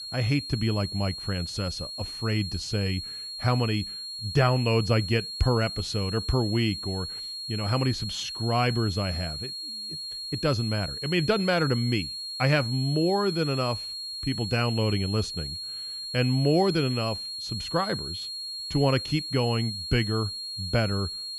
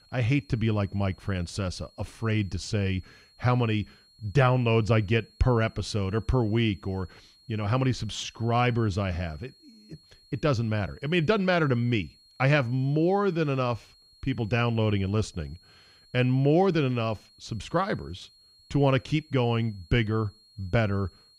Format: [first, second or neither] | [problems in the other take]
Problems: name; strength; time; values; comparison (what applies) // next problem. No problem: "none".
second | high-pitched whine; loud; throughout; 4.5 kHz, 6 dB below the speech; faint in the second